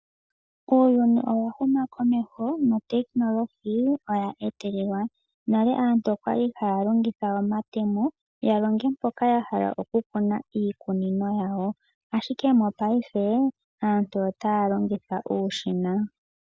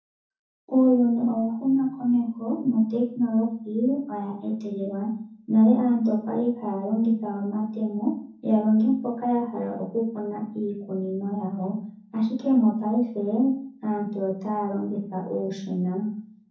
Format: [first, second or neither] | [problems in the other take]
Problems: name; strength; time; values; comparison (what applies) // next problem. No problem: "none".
first | room echo; dies away in 0.6 s